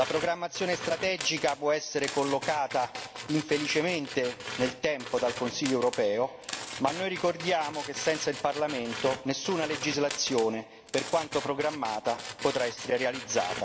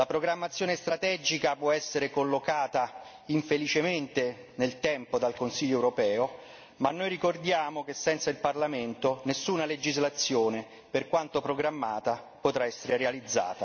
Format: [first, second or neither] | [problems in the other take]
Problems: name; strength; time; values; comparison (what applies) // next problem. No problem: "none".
second | background sound (Tools); 10 dB below the speech